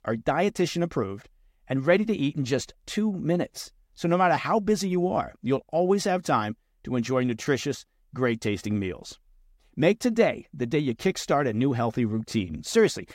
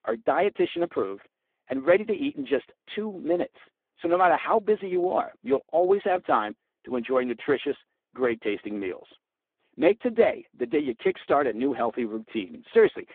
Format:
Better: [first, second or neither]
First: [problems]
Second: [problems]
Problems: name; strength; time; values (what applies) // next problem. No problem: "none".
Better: first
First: none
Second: phone-call audio; poor line